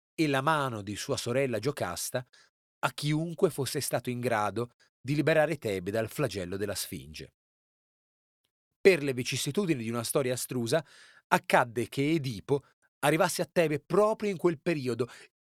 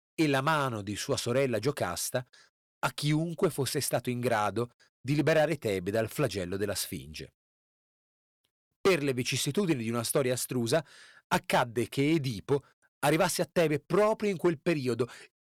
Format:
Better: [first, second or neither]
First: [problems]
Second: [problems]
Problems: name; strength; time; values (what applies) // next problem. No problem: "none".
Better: first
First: none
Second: distortion; slight; 3% of the sound clipped